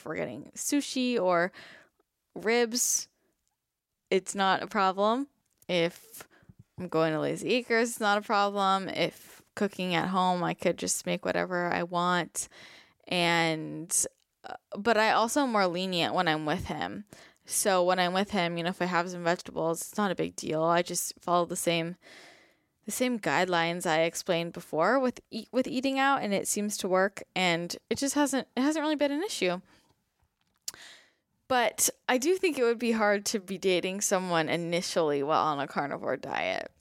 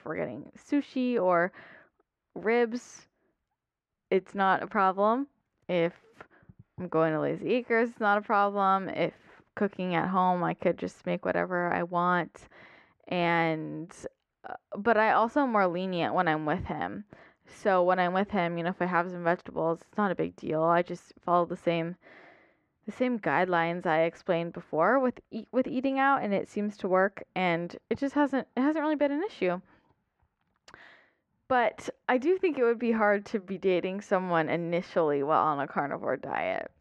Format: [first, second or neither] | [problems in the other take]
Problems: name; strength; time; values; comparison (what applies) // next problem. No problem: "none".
first | muffled; very; fading above 1.5 kHz